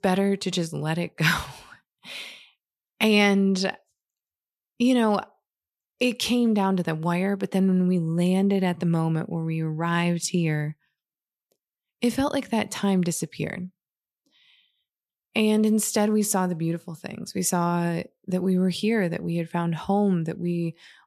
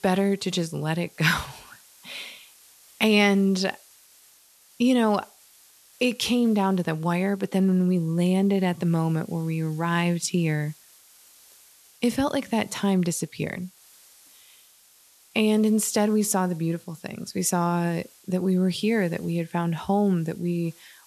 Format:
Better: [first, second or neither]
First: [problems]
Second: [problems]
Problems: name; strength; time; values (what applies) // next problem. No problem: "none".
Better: first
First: none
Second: hiss; faint; throughout; 25 dB below the speech